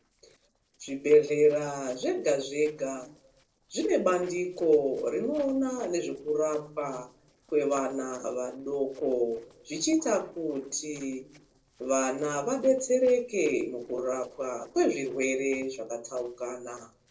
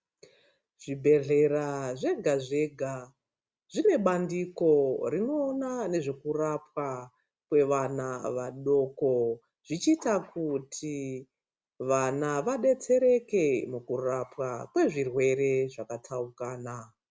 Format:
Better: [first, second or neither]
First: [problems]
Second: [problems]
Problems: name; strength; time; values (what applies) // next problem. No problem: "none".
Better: second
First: noise reduction (neural separator model SepFormer DNS4)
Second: none